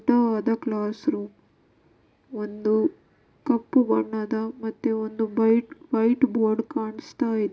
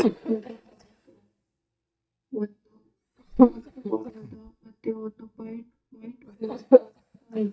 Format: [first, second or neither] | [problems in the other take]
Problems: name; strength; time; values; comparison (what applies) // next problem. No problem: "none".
first | noise reduction (neural mask model DeepFilterNet 3)